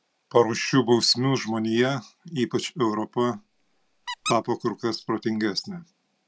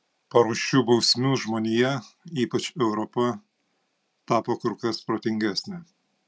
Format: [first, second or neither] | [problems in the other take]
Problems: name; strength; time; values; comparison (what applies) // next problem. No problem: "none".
second | background sound (Squeak); 14 dB below the speech